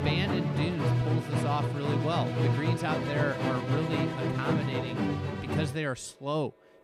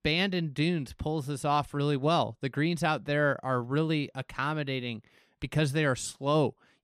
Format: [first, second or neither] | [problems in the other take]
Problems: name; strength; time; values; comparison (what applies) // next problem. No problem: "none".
second | background music; very loud; throughout; 3 dB above the speech